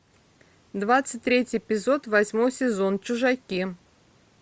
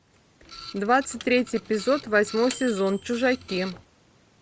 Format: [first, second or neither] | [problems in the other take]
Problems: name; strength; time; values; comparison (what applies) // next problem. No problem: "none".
first | background sound (Printer + Microwave oven); 16 dB below the speech